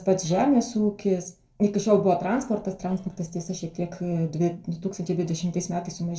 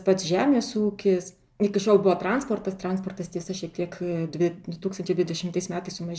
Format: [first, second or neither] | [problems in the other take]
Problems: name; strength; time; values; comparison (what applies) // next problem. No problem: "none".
second | noise reduction (neural separator model SepFormer DNS4)